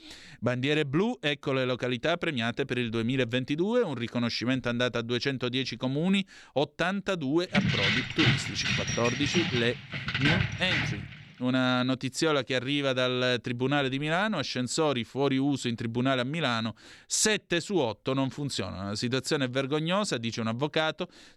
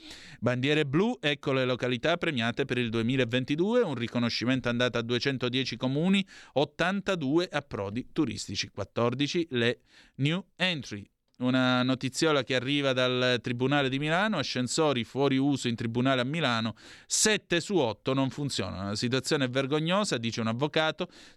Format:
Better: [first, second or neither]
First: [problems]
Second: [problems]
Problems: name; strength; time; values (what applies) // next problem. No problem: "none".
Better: second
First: jangling keys; loud; from 7.5 to 11 s; peak 4 dB above the speech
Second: none